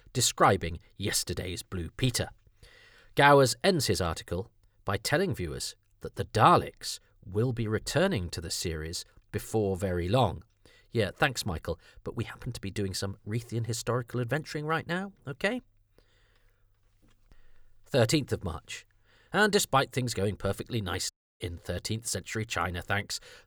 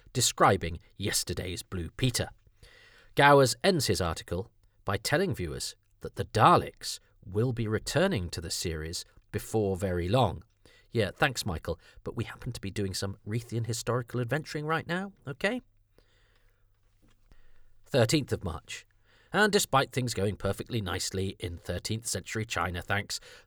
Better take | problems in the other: second | audio cutting out; at 21 s

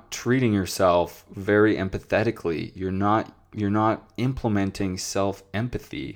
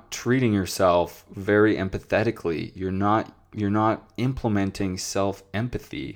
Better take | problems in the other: neither | none

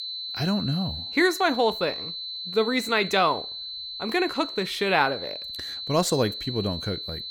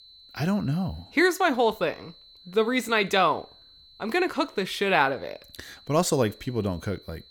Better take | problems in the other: second | high-pitched whine; loud; throughout; 4 kHz, 7 dB below the speech; faint in the second

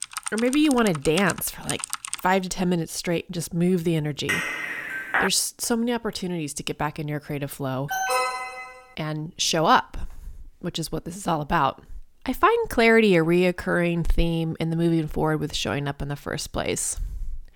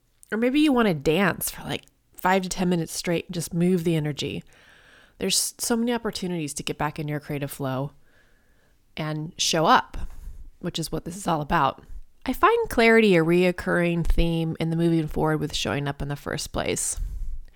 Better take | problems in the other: second | keyboard typing; noticeable; until 2 s; peak 6 dB below the speech // clattering dishes; noticeable; at 4.5 s; peak level with the speech // alarm; loud; at 8 s; peak 1 dB above the speech

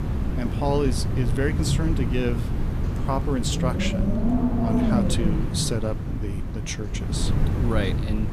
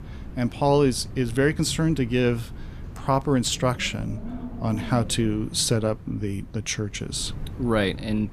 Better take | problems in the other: second | wind noise on the microphone; heavy; 3 dB below the speech; occasional gusts in the second

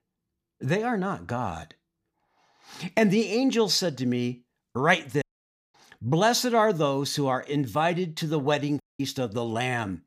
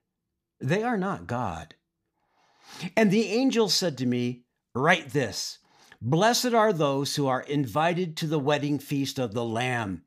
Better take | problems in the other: second | audio cutting out; at 5 s for 0.5 s and at 9 s

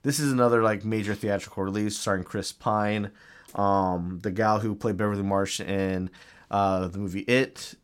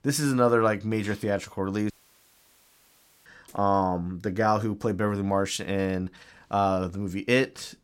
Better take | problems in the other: first | audio cutting out; at 2 s for 1.5 s

